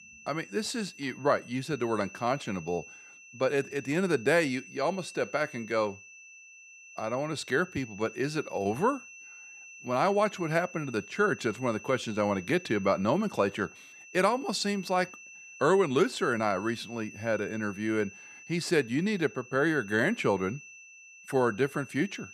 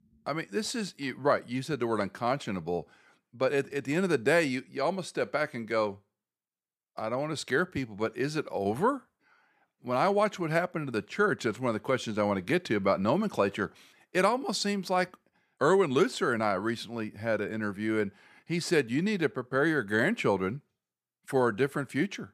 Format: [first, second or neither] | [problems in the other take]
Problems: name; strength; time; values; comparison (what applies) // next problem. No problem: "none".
second | high-pitched whine; noticeable; throughout; 2.5 kHz, 15 dB below the speech